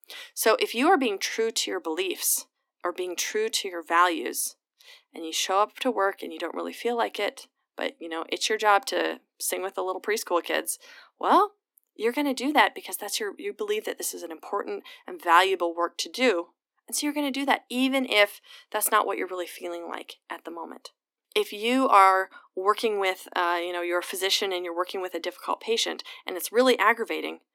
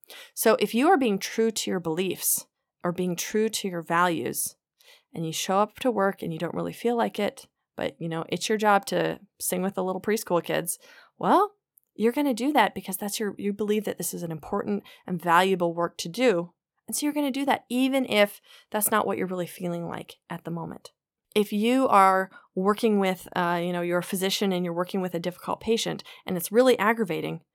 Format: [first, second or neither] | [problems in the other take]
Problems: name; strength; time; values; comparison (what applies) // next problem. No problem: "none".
second | thin; very slightly; fading below 250 Hz